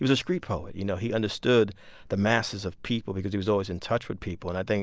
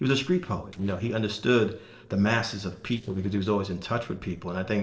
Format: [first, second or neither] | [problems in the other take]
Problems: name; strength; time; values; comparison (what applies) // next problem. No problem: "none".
first | noise reduction (neural separator model SepFormer DNS4)